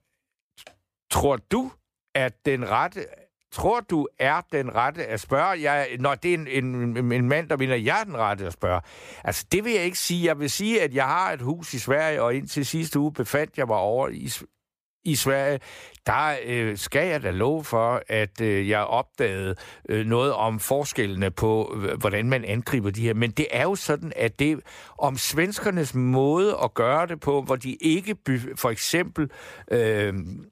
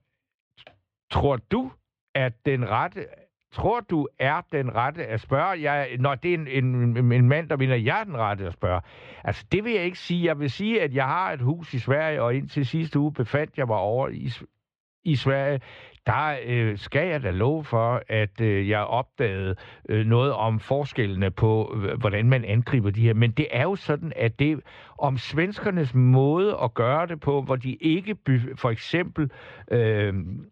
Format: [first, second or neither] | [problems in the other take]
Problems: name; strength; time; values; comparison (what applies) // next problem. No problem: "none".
first | muffled; slightly; fading above 3.5 kHz